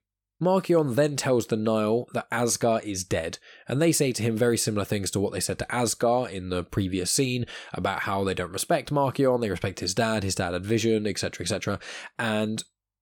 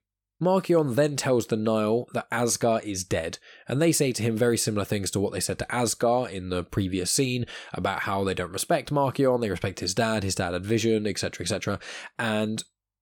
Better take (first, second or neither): neither